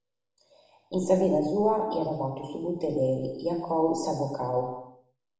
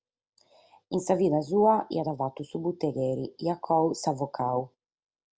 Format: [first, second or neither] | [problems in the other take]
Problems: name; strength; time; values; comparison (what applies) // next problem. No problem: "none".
second | room echo; dies away in 0.9 s